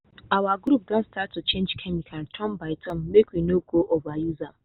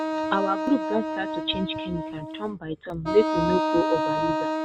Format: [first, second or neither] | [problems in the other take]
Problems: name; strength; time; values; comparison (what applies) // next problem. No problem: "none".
first | background sound (Wind instrument, woodwind instrument); as loud as the speech